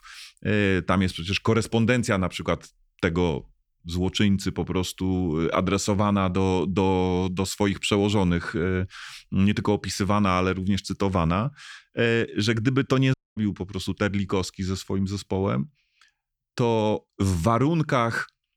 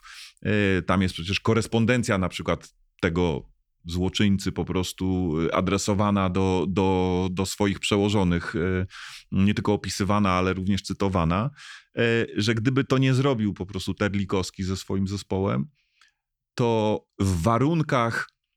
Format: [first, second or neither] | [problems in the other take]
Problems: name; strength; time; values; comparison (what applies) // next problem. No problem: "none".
second | audio cutting out; at 13 s